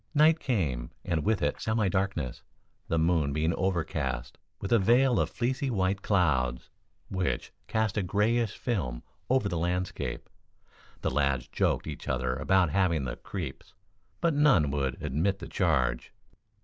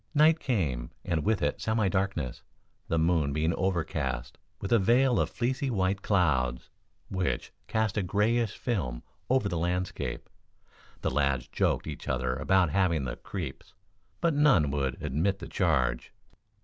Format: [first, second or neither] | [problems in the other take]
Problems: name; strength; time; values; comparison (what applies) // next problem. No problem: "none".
second | noise reduction (neural mask model Resemble Enhance denoiser)